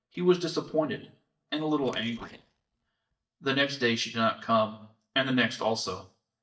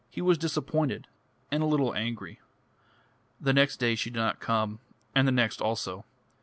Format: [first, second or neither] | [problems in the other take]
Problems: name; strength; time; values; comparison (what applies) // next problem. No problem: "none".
second | noise reduction (neural mask model DeepFilterNet 3)